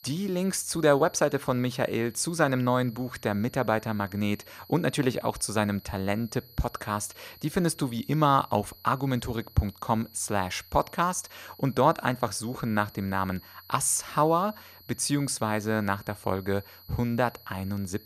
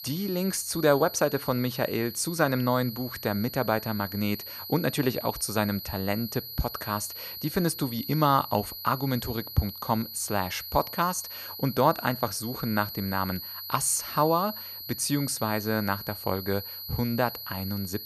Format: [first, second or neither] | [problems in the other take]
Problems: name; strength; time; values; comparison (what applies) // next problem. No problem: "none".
first | high-pitched whine; loud; throughout; 12 kHz, 9 dB below the speech; faint in the first